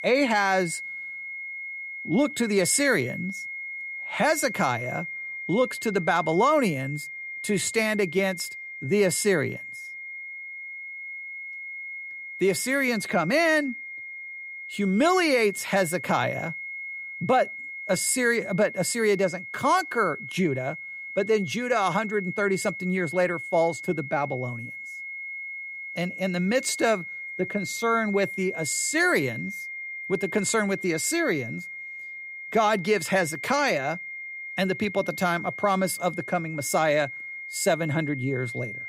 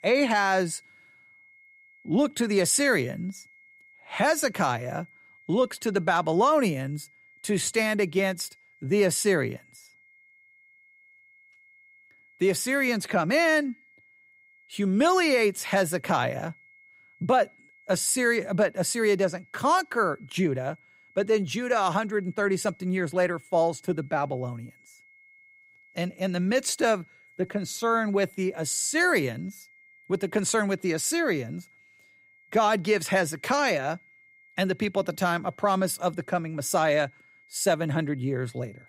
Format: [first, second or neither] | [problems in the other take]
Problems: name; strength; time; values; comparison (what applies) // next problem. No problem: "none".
second | high-pitched whine; loud; throughout; 2 kHz, 9 dB below the speech; faint in the second